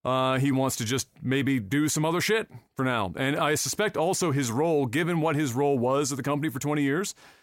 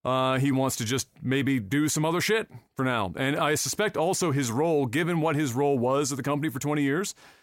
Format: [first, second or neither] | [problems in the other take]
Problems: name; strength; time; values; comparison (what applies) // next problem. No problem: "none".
neither | none